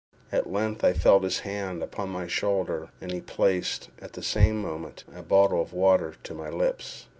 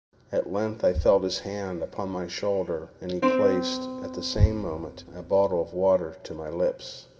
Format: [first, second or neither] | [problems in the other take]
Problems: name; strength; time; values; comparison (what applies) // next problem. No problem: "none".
first | background sound (Plucked string instrument); 3 dB below the speech // room echo; dies away in 1.4 s